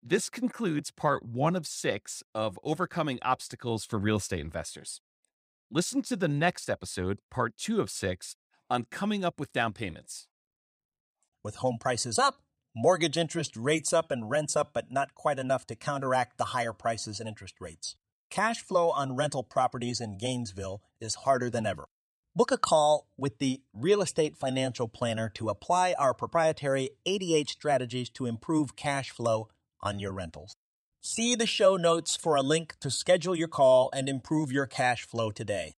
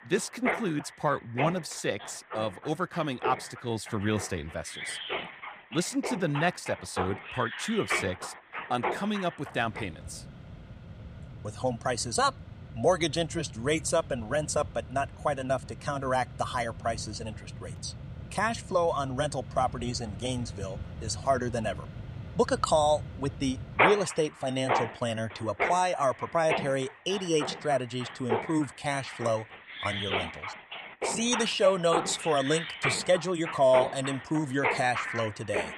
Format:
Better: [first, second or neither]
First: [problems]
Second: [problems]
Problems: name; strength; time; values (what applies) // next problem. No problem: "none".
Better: first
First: none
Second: machinery noise; loud; throughout; 6 dB below the speech